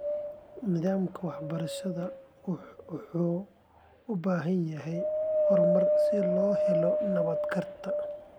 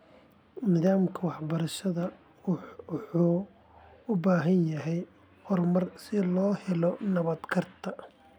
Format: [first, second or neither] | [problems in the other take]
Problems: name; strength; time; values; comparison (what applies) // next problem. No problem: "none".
second | background sound (Wind); 2 dB above the speech